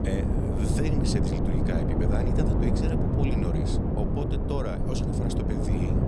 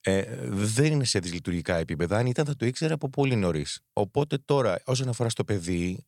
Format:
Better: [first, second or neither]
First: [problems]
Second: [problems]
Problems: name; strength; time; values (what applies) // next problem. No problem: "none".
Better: second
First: wind noise on the microphone; heavy; 4 dB above the speech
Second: none